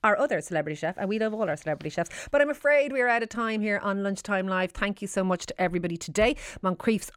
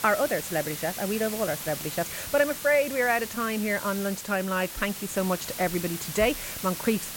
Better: first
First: none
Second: hiss; loud; throughout; 7 dB below the speech

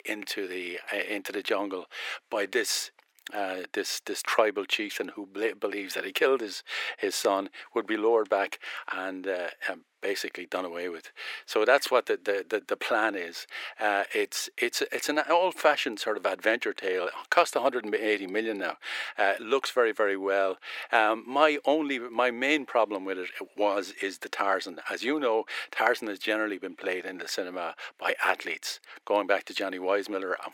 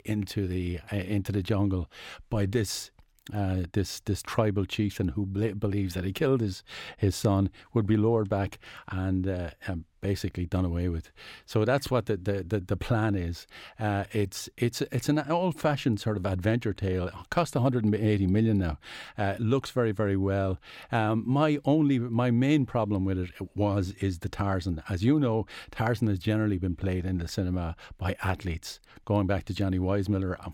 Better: second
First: thin; very; fading below 400 Hz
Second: none

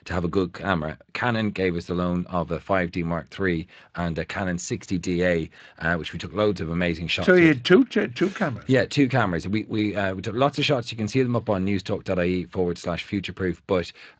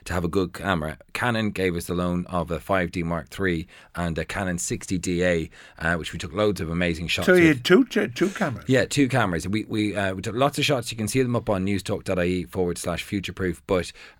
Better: second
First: garbled, watery; slightly; nothing above 7.5 kHz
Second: none

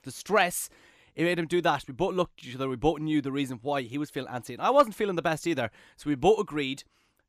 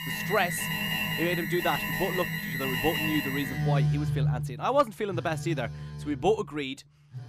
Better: first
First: none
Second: alarms or sirens; very loud; throughout; as loud as the speech

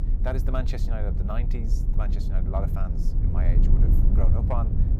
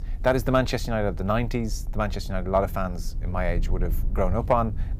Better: second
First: low rumble; loud; throughout; 4 dB below the speech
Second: low rumble; faint; throughout; 25 dB below the speech

